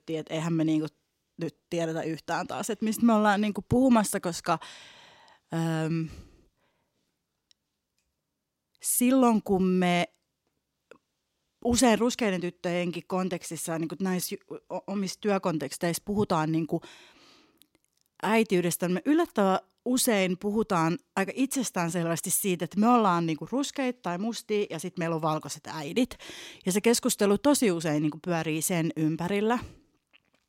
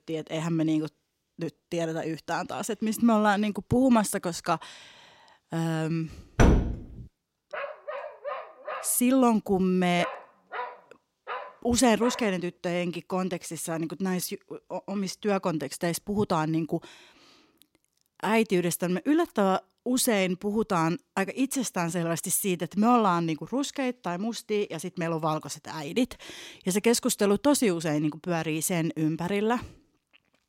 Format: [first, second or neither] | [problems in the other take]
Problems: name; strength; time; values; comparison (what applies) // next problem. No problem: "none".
first | door banging; loud; at 6.5 s; peak 5 dB above the speech // dog barking; noticeable; from 7.5 to 12 s; peak 9 dB below the speech